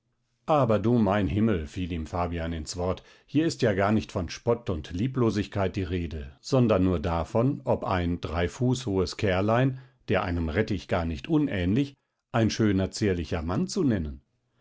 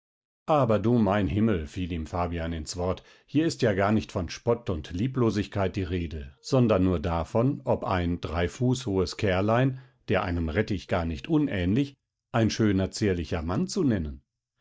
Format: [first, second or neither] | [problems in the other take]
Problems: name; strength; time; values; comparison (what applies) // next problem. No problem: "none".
first | noise reduction (neural mask model DeepFilterNet 3)